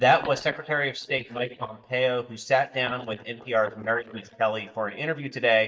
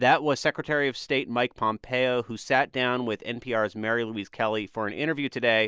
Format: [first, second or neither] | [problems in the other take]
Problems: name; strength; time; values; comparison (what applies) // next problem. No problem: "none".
second | noise reduction (neural mask model DeepFilterNet 3)